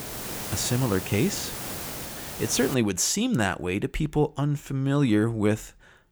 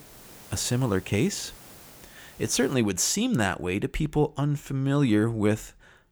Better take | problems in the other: second | hiss; loud; until 2.5 s; 8 dB below the speech; faint in the second

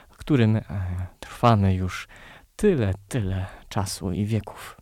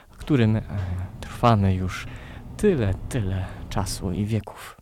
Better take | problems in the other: first | footsteps; faint; peak 15 dB below the speech

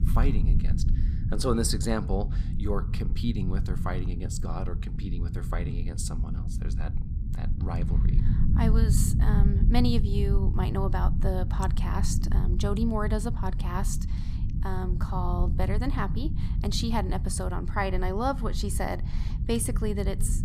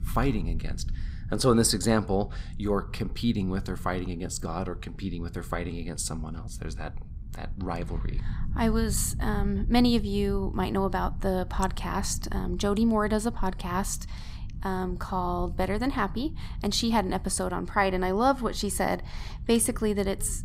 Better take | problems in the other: second | low rumble; loud; throughout; 9 dB below the speech; faint in the second

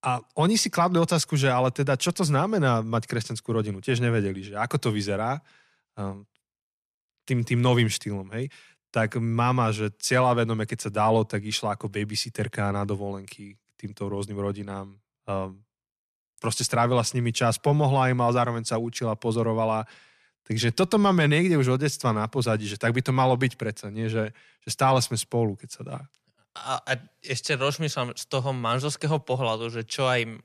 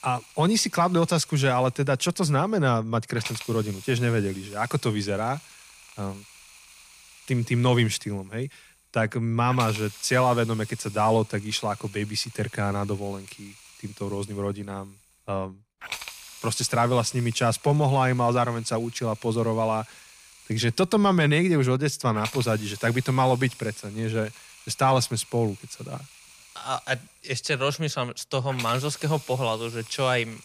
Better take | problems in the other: first | hiss; noticeable; throughout; 15 dB below the speech

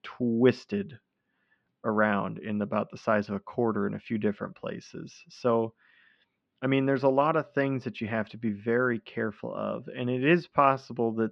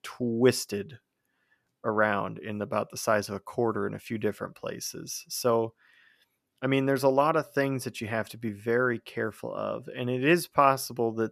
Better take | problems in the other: second | muffled; slightly; fading above 4 kHz

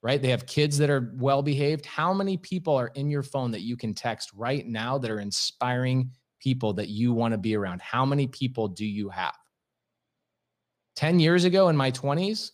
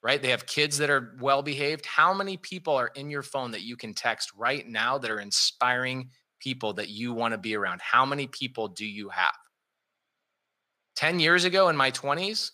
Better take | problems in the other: first | thin; somewhat; fading below 900 Hz

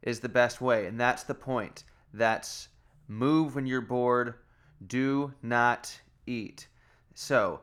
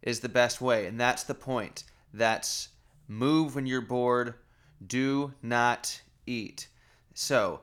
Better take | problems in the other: second | muffled; very slightly; fading above 2.5 kHz

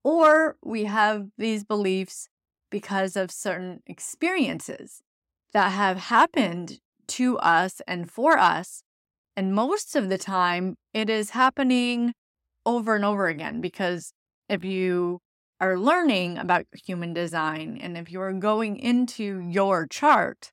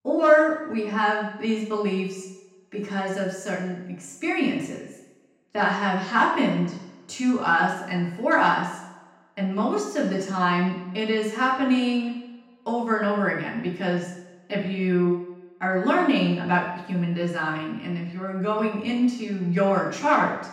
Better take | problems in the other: first | room echo; noticeable; dies away in 0.9 s // off-mic speech; far

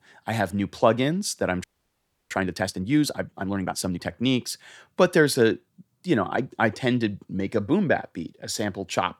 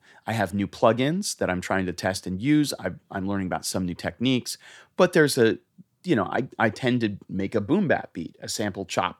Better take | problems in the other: second | audio freezing; at 1.5 s for 0.5 s

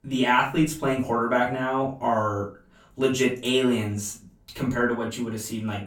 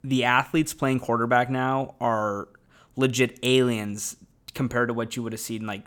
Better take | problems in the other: second | off-mic speech; far // room echo; slight; dies away in 0.3 s

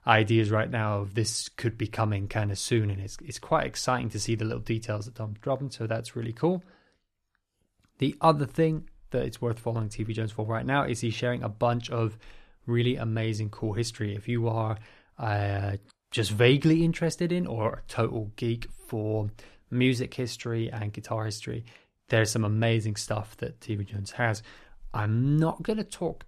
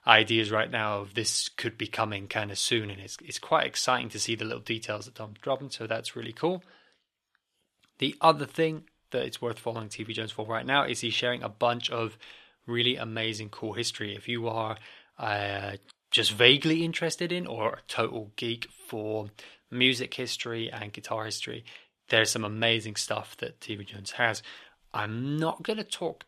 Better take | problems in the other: first | thin; somewhat; fading below 900 Hz

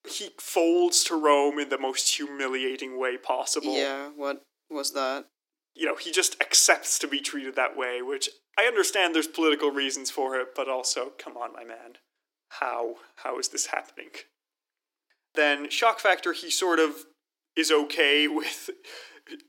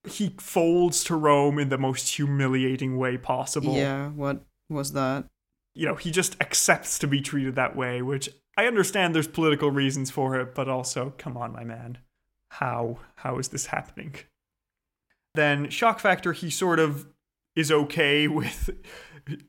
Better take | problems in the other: second | thin; somewhat; fading below 300 Hz

